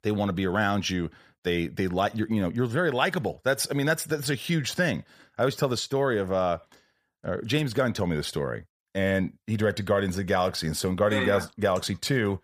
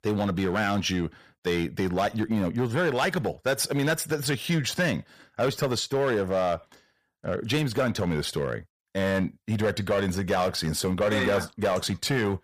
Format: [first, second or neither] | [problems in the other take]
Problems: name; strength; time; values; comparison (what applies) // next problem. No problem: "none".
first | distortion; slight; 7% of the sound clipped